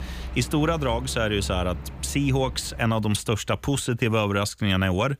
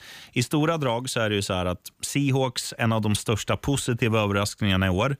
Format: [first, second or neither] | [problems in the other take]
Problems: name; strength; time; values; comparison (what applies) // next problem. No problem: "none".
second | traffic noise; noticeable; until 3 s; 10 dB below the speech